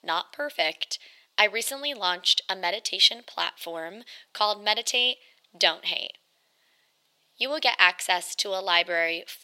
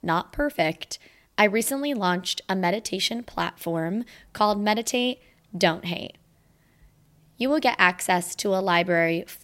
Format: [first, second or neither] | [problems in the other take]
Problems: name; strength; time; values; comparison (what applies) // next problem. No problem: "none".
second | thin; very; fading below 600 Hz